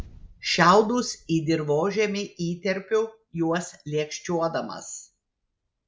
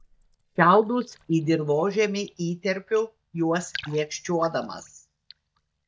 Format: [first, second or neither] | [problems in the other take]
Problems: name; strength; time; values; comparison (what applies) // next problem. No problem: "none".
first | noise reduction (neural mask model DeepFilterNet 3)